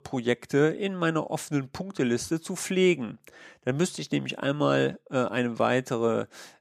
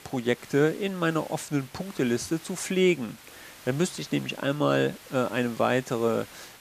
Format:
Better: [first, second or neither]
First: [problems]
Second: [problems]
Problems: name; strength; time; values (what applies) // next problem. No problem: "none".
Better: first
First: none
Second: hiss; noticeable; throughout; 20 dB below the speech